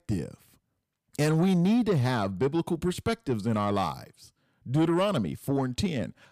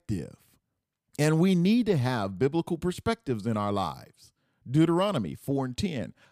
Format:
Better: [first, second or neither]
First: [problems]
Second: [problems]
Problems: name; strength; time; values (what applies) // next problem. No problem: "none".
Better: second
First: distortion; slight; 10 dB below the speech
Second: none